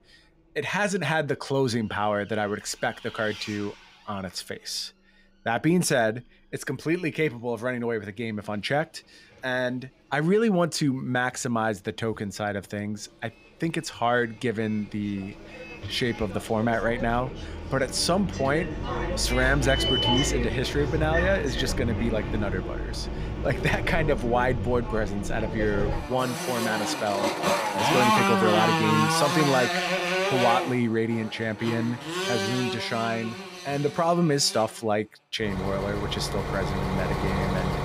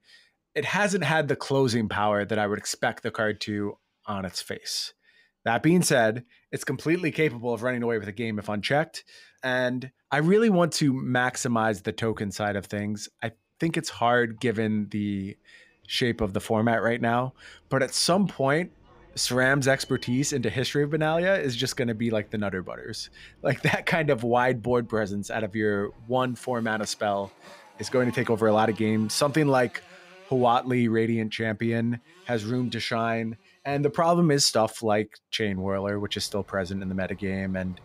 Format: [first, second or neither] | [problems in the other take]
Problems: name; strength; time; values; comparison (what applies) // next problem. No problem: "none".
second | traffic noise; loud; throughout; 1 dB below the speech; faint in the second